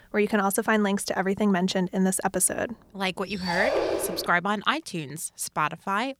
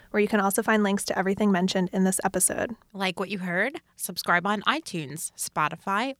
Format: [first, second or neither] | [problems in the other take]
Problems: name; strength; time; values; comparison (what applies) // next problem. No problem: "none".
second | dog barking; loud; at 3.5 s; peak level with the speech